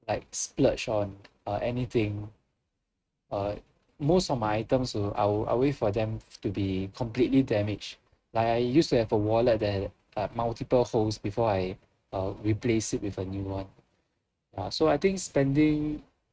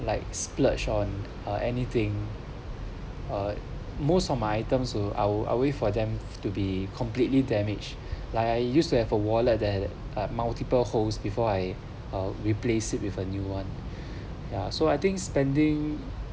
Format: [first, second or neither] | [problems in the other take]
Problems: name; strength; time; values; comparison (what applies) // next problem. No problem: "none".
second | noise reduction (neural mask model RNNoise)